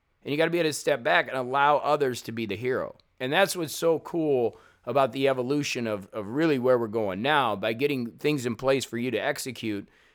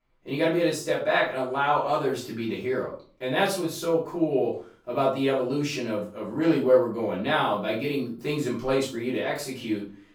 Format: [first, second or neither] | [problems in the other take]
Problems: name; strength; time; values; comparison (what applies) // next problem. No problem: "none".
first | room echo; slight; dies away in 0.3 s // off-mic speech; far